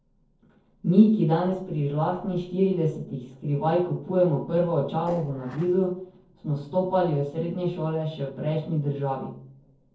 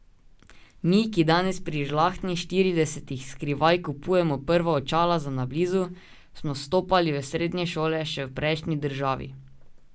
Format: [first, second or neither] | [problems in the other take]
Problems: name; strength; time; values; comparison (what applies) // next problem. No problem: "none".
second | noise reduction (neural separator model SepFormer DNS4)